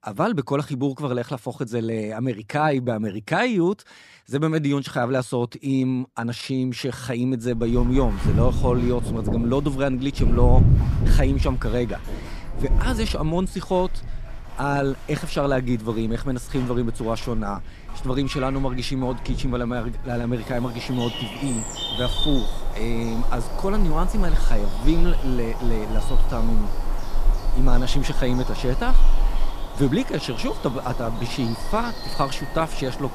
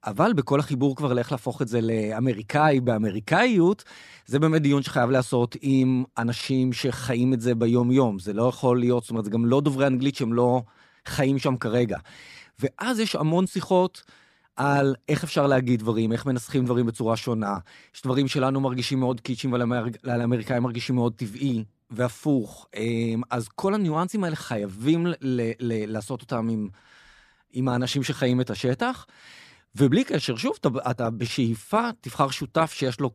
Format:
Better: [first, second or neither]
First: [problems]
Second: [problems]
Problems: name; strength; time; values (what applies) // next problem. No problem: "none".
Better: second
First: animal sounds; loud; from 7.5 s on; 3 dB below the speech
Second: none